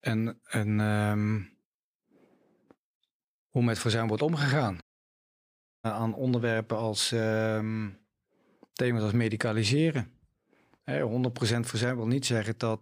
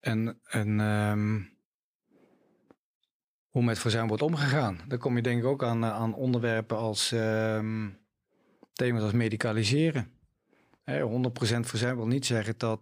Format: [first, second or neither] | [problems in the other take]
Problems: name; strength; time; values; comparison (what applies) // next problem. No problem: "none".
second | audio cutting out; at 5 s for 1 s